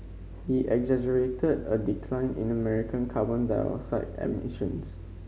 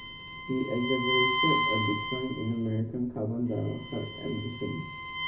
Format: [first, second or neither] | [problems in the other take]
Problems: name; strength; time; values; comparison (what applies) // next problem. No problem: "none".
first | background sound (Bowed string instrument); 1 dB below the speech // room echo; dies away in 0.4 s